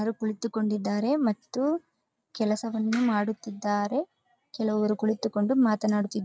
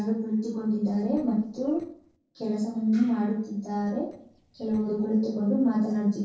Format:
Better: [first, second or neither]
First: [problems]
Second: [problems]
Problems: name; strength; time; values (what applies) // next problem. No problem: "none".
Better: first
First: none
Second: noise reduction (neural separator model SepFormer DNS4)